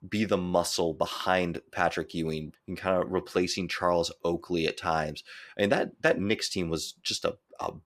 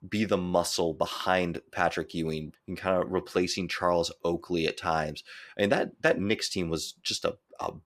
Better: neither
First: none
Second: none

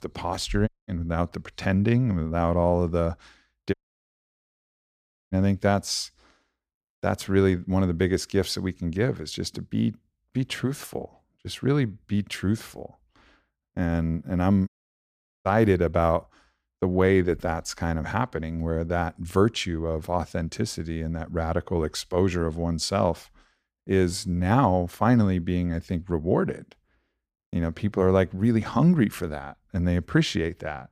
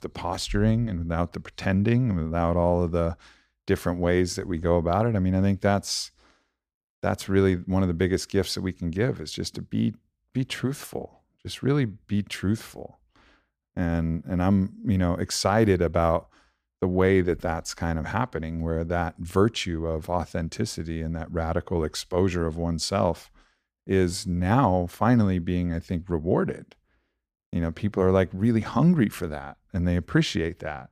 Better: second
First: audio cutting out; at 0.5 s, at 3.5 s for 1.5 s and at 15 s for 1 s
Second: none

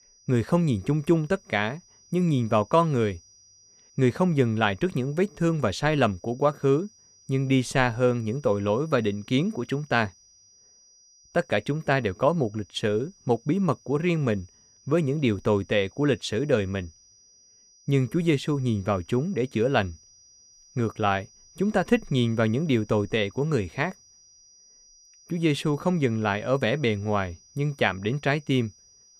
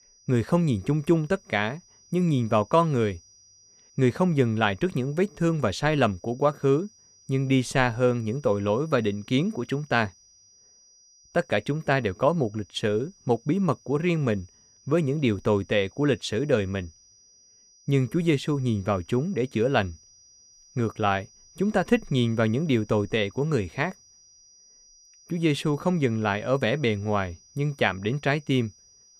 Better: neither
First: high-pitched whine; faint; throughout; 6 kHz, 30 dB below the speech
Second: high-pitched whine; faint; throughout; 6 kHz, 30 dB below the speech

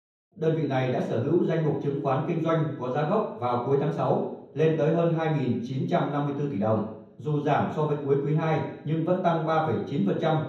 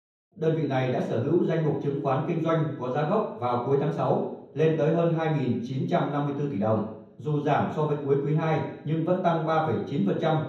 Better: neither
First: room echo; strong; dies away in 0.9 s // off-mic speech; far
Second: room echo; strong; dies away in 0.9 s // off-mic speech; far

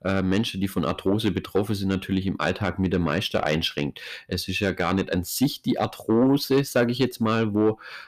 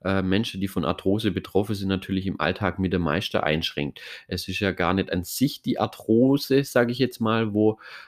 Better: second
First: distortion; slight; 10 dB below the speech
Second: none

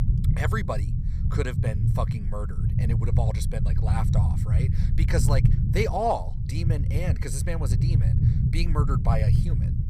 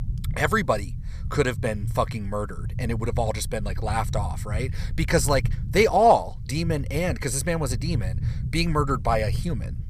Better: second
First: low rumble; loud; throughout; 6 dB below the speech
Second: low rumble; faint; throughout; 20 dB below the speech

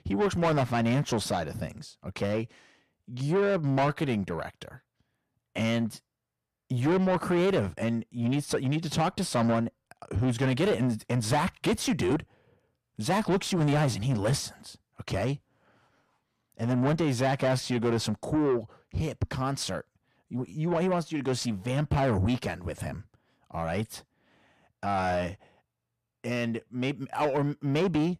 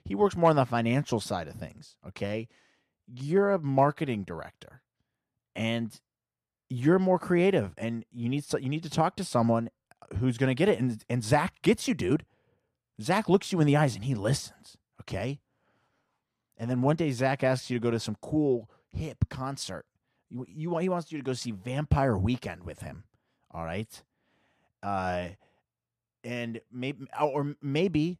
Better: second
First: distortion; heavy; 7 dB below the speech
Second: none

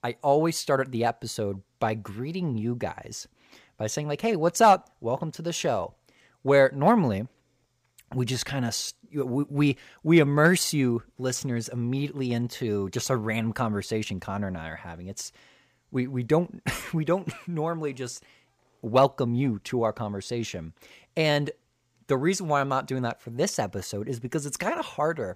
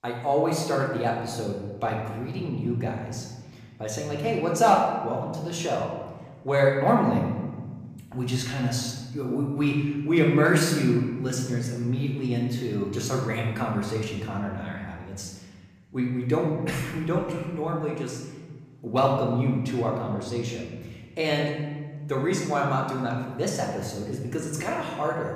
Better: first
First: none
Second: room echo; noticeable; dies away in 1.3 s // off-mic speech; far

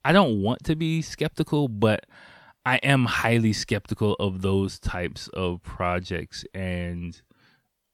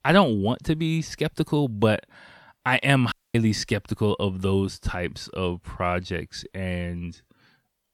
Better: first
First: none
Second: audio cutting out; at 3 s

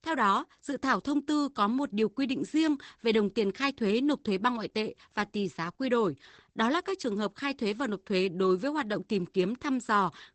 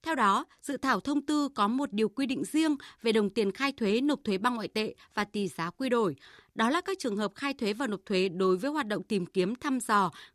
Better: second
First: garbled, watery; badly; nothing above 8 kHz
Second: none

